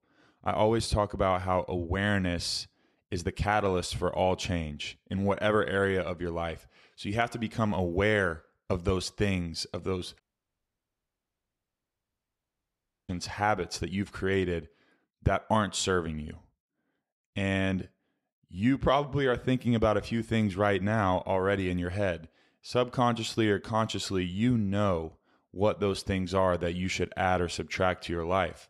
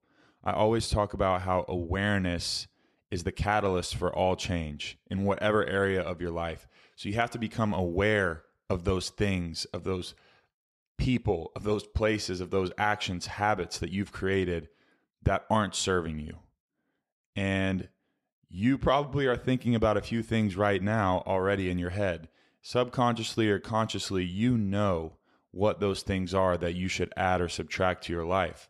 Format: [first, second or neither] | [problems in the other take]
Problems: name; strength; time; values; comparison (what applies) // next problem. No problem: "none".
second | audio cutting out; at 10 s for 3 s